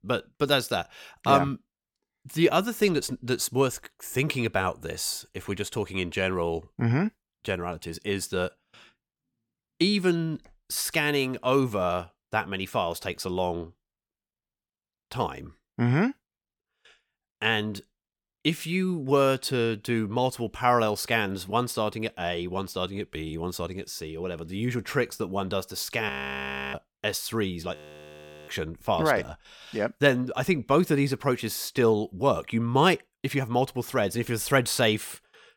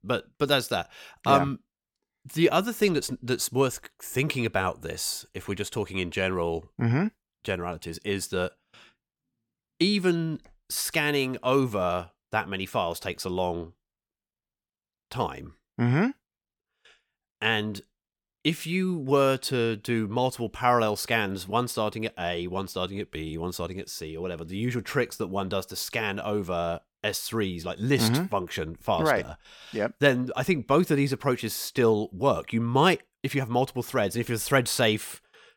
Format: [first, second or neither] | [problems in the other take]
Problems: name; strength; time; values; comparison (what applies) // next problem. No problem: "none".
second | audio freezing; at 26 s for 0.5 s and at 28 s for 0.5 s